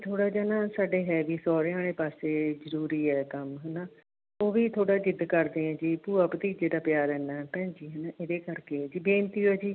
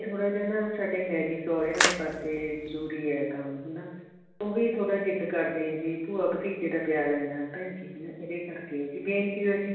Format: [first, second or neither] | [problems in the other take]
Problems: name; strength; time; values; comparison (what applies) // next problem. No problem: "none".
first | background sound (Splash, splatter); 1 dB below the speech // room echo; dies away in 0.9 s